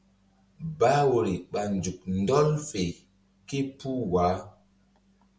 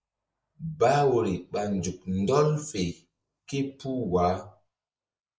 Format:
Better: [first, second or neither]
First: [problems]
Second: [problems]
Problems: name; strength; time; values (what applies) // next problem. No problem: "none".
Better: first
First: none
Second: noise reduction (neural mask model Resemble Enhance denoiser)